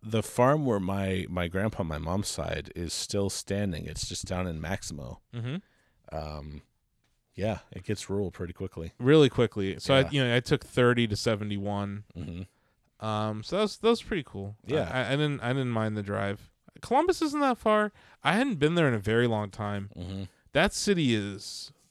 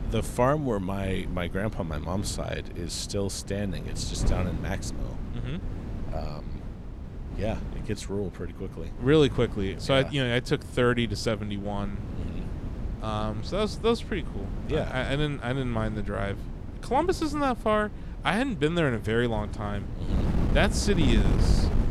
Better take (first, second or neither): first